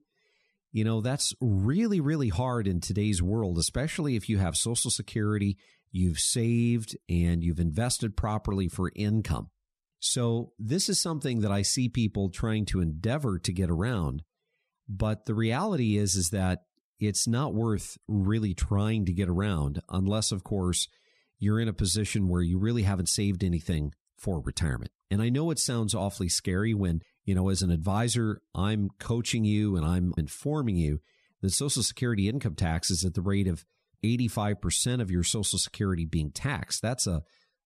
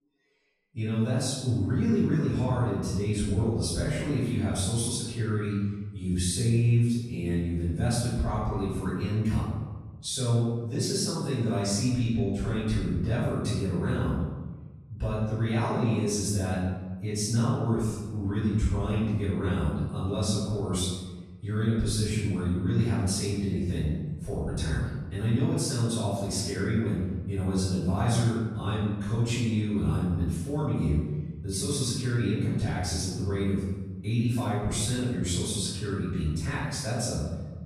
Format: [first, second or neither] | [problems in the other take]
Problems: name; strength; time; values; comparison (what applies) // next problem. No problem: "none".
first | off-mic speech; far // room echo; strong; dies away in 1.1 s